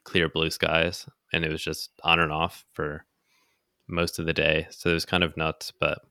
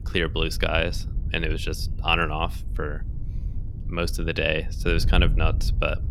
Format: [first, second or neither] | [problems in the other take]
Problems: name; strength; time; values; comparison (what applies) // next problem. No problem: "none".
first | wind noise on the microphone; occasional gusts; 20 dB below the speech